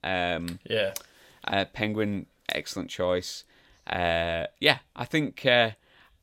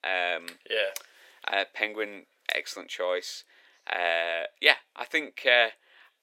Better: first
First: none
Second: thin; very; fading below 400 Hz

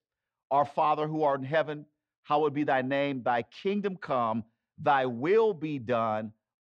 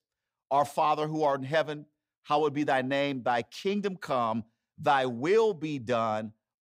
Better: second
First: muffled; slightly; fading above 3 kHz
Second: none

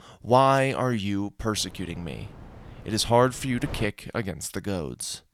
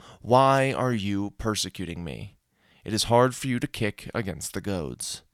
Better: second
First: wind noise on the microphone; occasional gusts; from 1.5 to 4 s; 20 dB below the speech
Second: none

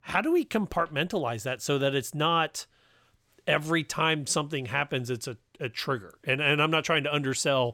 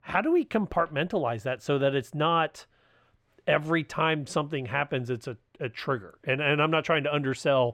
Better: first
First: none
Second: muffled; slightly; fading above 4 kHz

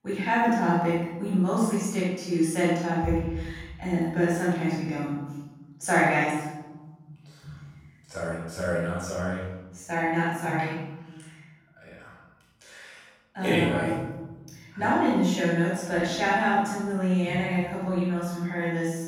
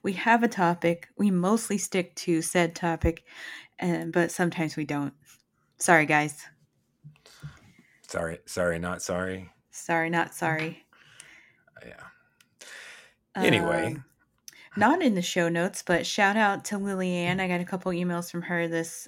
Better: second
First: off-mic speech; far // room echo; strong; dies away in 1.2 s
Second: none

